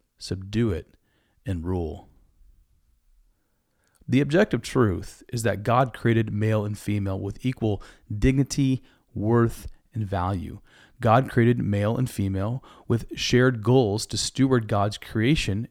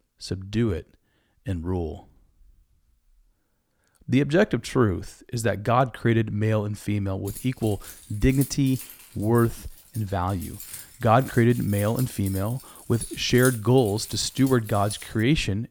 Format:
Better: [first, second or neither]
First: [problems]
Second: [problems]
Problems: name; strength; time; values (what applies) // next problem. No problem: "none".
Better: first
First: none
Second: jangling keys; noticeable; from 7.5 to 15 s; peak 7 dB below the speech